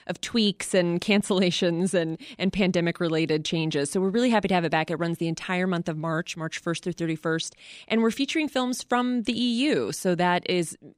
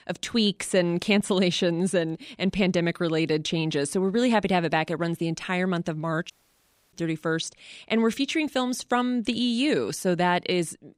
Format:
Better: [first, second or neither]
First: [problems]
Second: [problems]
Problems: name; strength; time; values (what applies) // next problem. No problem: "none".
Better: first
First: none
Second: audio cutting out; at 6.5 s for 0.5 s